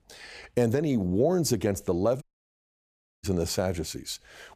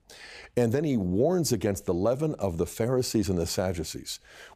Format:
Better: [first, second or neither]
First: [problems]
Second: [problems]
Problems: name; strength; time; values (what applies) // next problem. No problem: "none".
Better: second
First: audio cutting out; at 2 s for 1 s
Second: none